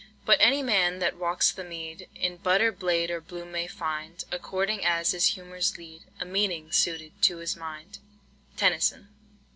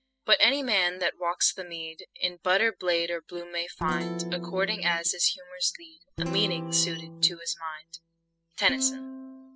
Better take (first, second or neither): first